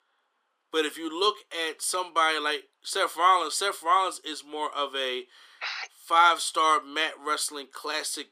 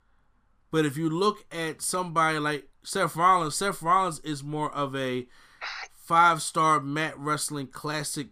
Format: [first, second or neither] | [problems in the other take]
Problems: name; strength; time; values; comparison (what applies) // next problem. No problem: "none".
second | thin; somewhat; fading below 350 Hz